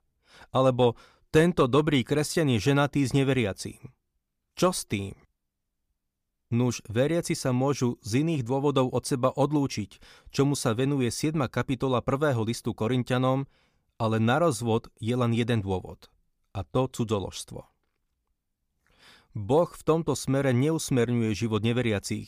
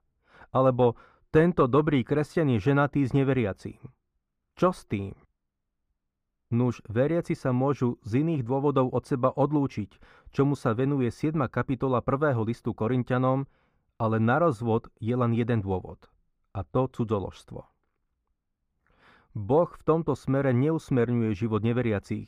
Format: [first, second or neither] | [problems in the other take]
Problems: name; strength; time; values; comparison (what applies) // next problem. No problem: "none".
first | muffled; very; fading above 3 kHz